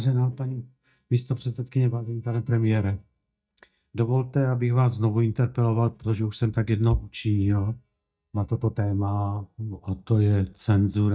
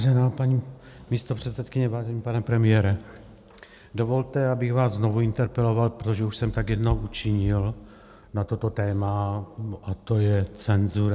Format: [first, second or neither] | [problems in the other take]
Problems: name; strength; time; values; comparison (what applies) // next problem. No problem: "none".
second | noise reduction (neural mask model DeepFilterNet 3)